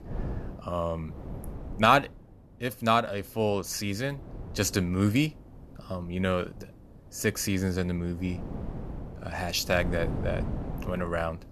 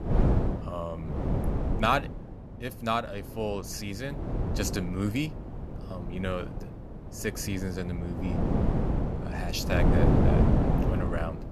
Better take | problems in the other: first | wind noise on the microphone; heavy; 2 dB below the speech; occasional gusts in the first

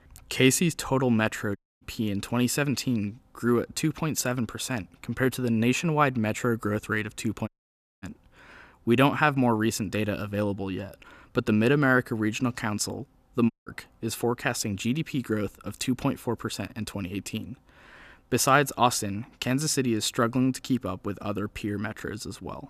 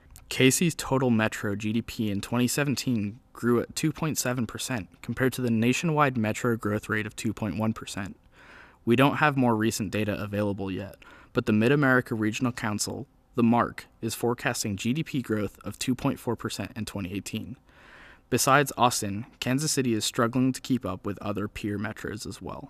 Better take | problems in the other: second | audio cutting out; at 1.5 s, at 7.5 s for 0.5 s and at 14 s

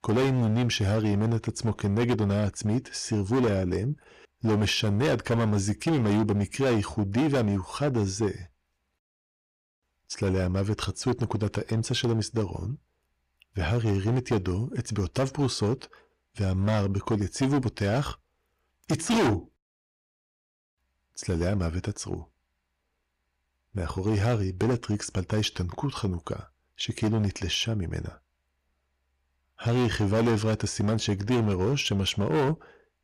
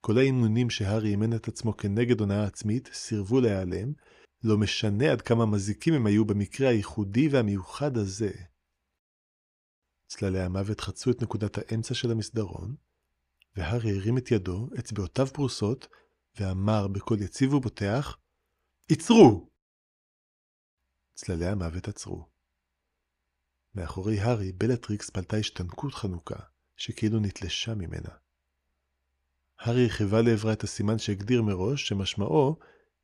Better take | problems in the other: second | distortion; heavy; 11% of the sound clipped

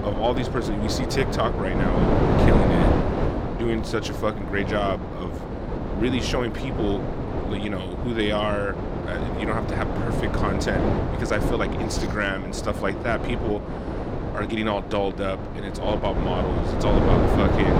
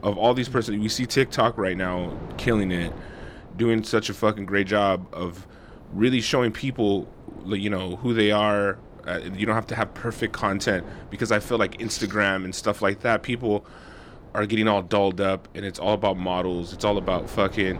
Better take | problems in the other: second | wind noise on the microphone; heavy; 1 dB below the speech; occasional gusts in the second

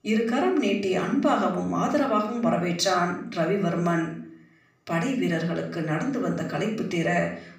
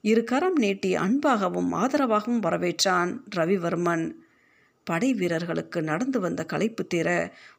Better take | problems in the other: second | off-mic speech; far // room echo; slight; dies away in 0.5 s

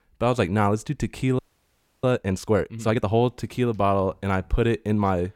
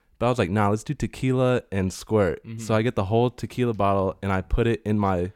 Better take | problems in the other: second | audio freezing; at 1.5 s for 0.5 s

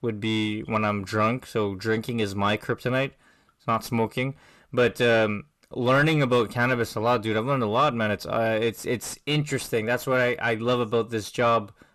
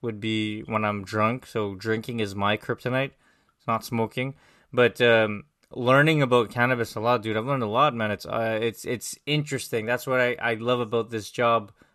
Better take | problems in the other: second | distortion; slight; 10 dB below the speech

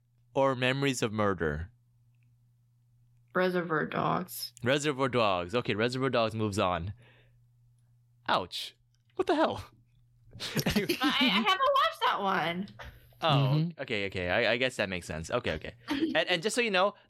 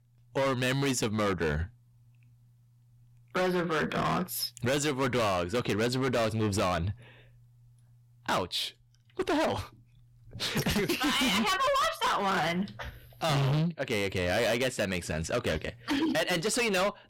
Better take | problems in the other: first | distortion; heavy; 17% of the sound clipped

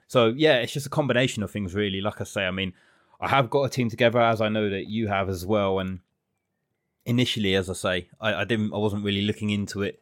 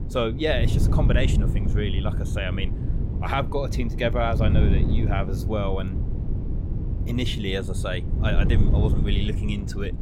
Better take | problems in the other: first | wind noise on the microphone; heavy; 8 dB below the speech

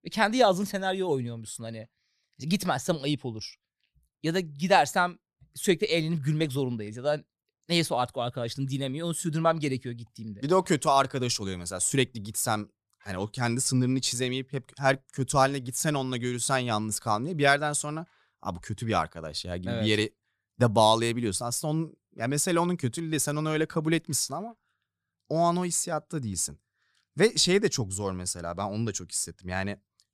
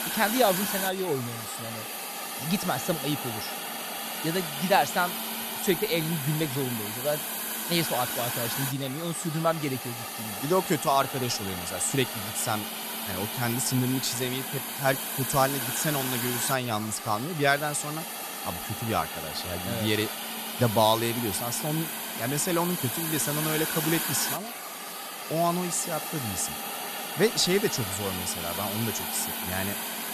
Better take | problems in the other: first | hiss; loud; throughout; 3 dB below the speech

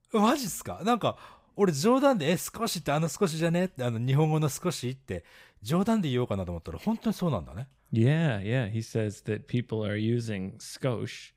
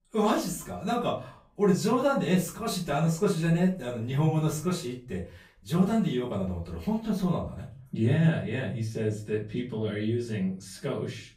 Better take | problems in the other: first | off-mic speech; far // room echo; slight; dies away in 0.3 s

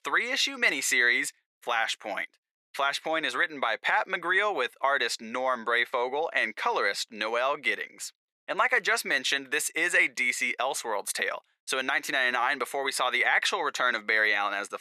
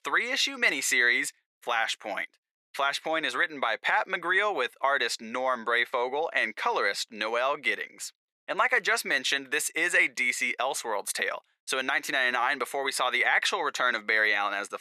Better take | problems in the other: neither | thin; very; fading below 700 Hz; the same in both

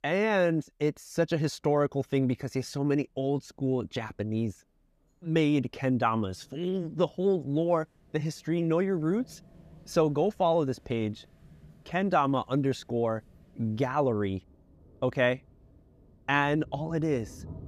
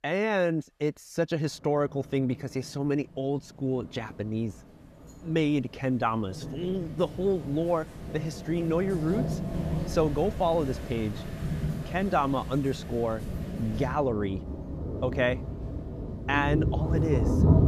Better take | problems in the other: first | rain or running water; loud; throughout; 4 dB below the speech; faint in the first

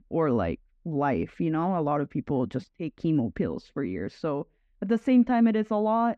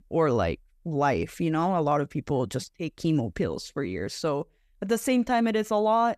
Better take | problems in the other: second | muffled; slightly; fading above 2.5 kHz

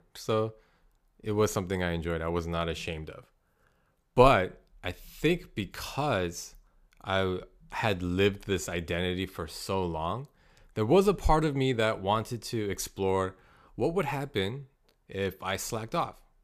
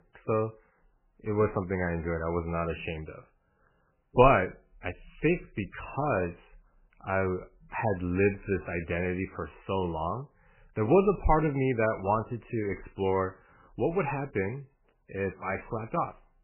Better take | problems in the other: first | garbled, watery; badly; nothing above 2.5 kHz

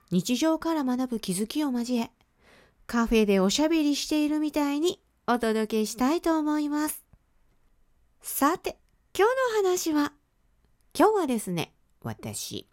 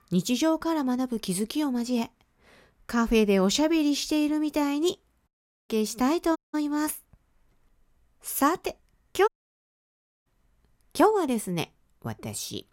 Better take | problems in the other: first | audio cutting out; at 5.5 s, at 6.5 s and at 9.5 s for 1 s

